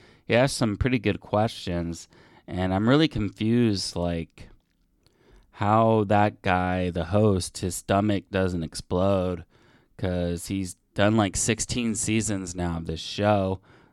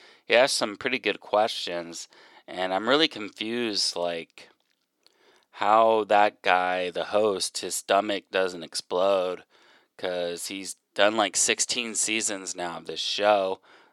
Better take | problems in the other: first | thin; very; fading below 500 Hz

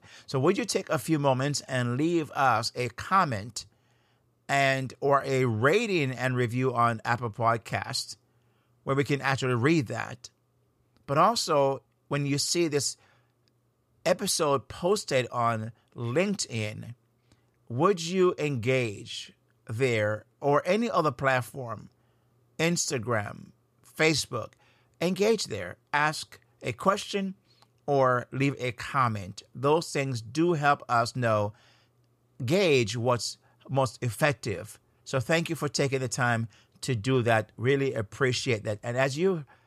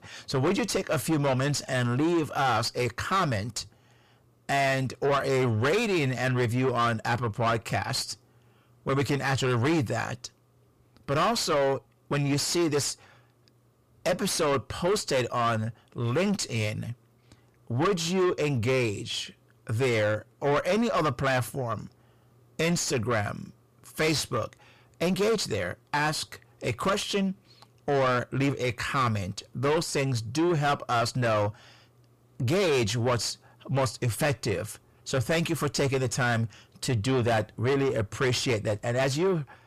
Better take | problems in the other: first | distortion; heavy; 6 dB below the speech

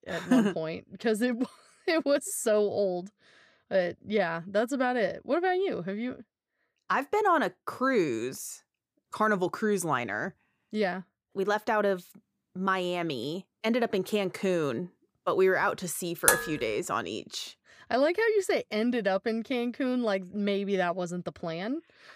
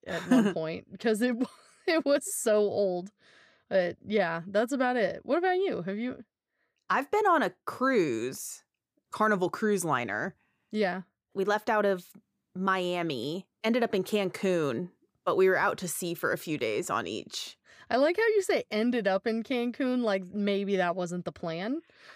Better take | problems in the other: second | clattering dishes; loud; at 16 s; peak 5 dB above the speech

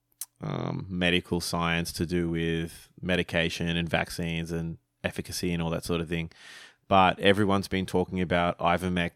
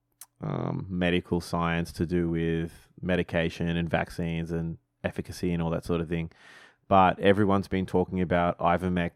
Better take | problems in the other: first | muffled; slightly; fading above 2 kHz

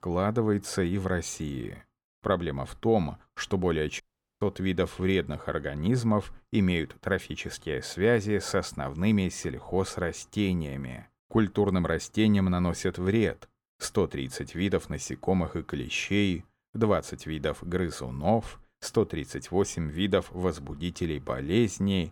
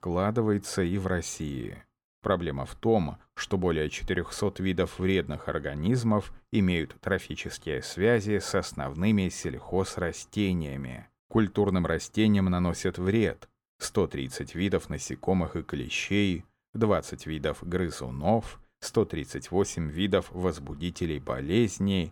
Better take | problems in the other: second | audio cutting out; at 4 s

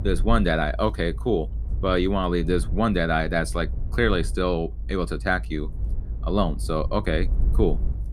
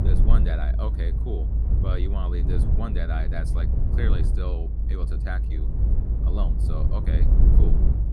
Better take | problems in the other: first | low rumble; loud; throughout; 3 dB below the speech; faint in the first

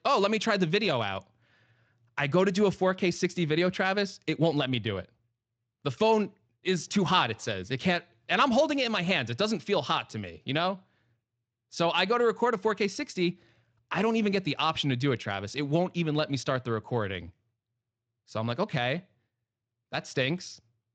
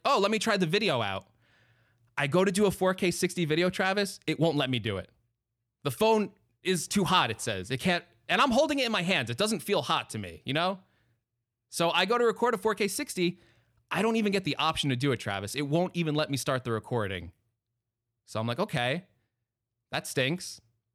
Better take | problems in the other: second | garbled, watery; slightly; nothing above 7.5 kHz

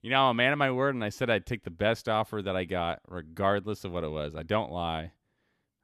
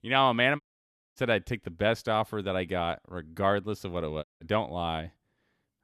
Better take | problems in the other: first | audio cutting out; at 0.5 s for 0.5 s and at 4 s

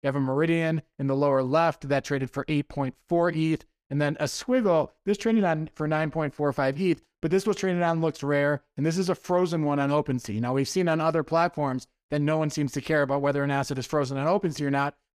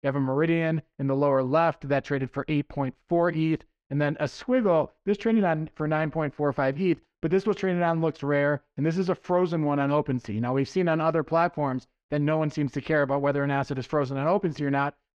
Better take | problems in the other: first | muffled; slightly; fading above 3 kHz

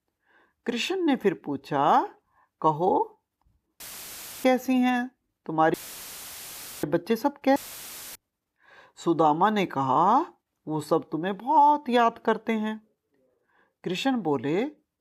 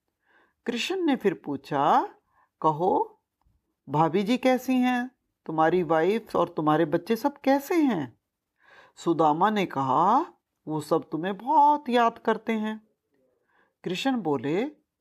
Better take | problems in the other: second | audio cutting out; filled with static; at 4 s for 0.5 s, at 5.5 s for 1 s and at 7.5 s for 0.5 s

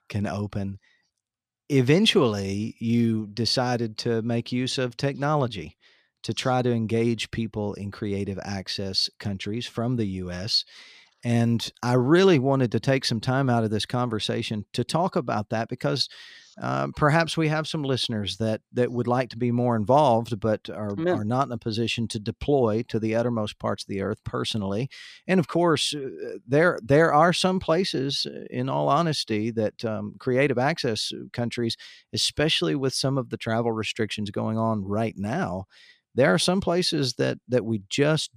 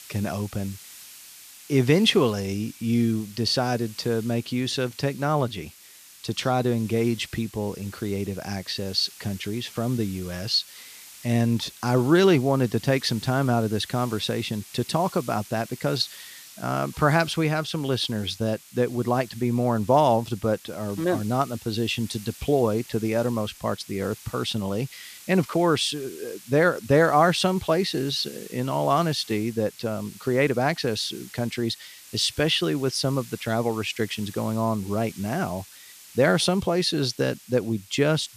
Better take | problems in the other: first | hiss; noticeable; throughout; 20 dB below the speech

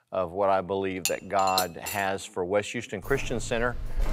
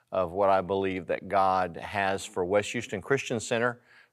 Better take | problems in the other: second | clattering dishes; noticeable; at 1 s; peak 2 dB below the speech // jangling keys; noticeable; from 3 s on; peak 7 dB below the speech

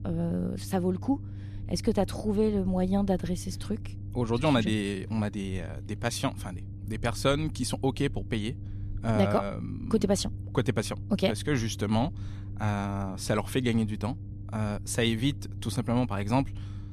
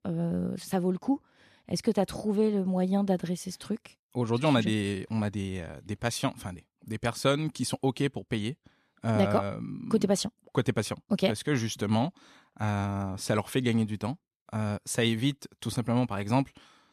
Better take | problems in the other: second | low rumble; faint; throughout; 20 dB below the speech

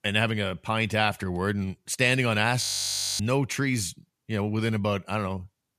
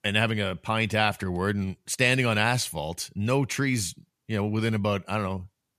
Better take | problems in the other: second | audio freezing; at 2.5 s for 0.5 s

